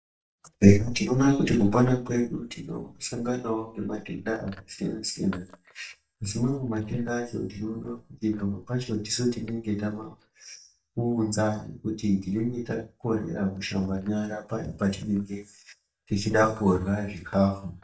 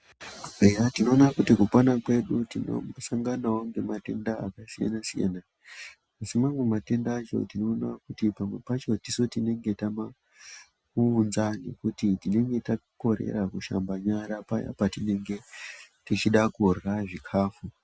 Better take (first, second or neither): second